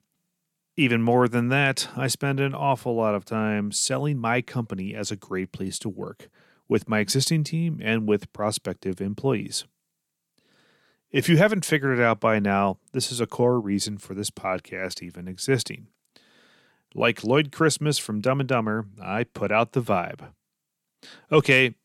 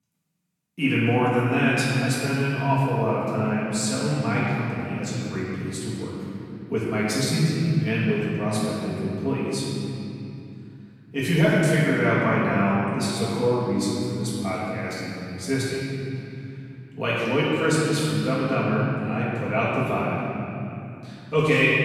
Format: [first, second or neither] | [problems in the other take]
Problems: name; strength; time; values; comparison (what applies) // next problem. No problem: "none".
first | room echo; strong; dies away in 3 s // off-mic speech; far